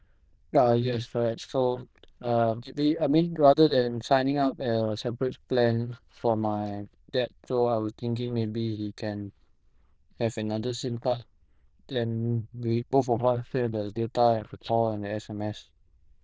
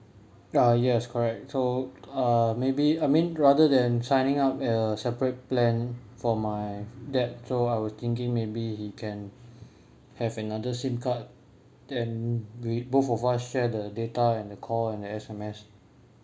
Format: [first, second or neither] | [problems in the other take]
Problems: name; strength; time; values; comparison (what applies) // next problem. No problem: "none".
second | noise reduction (neural diffusion model UNIVERSE++)